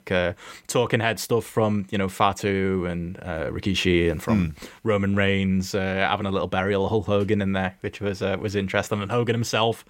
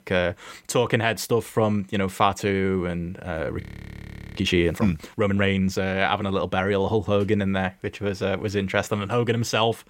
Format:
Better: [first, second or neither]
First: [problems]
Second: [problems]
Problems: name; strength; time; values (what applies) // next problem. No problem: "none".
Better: first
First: none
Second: audio freezing; at 3.5 s for 0.5 s